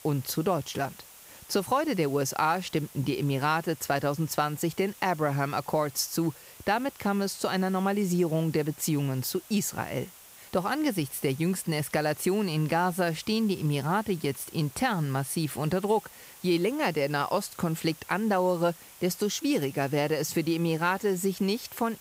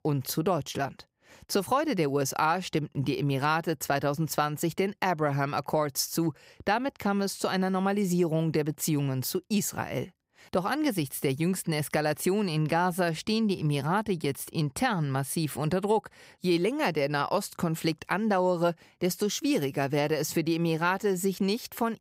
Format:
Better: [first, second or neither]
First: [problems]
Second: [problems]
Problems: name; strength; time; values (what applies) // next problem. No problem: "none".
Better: second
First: hiss; noticeable; throughout; 20 dB below the speech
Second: none